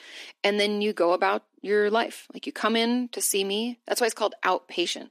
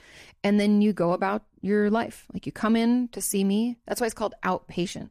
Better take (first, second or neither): second